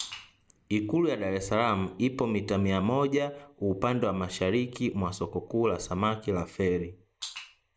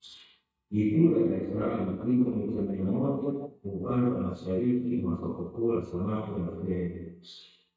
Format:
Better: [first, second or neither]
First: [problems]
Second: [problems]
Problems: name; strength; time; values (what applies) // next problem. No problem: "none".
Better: first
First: none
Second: noise reduction (neural mask model DeepFilterNet 3)